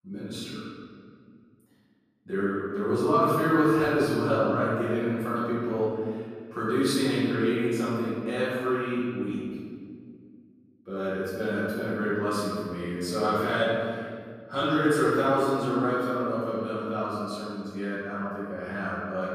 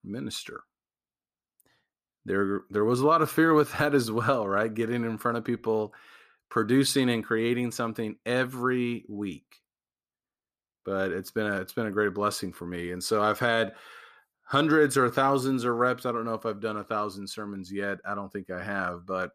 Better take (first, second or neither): second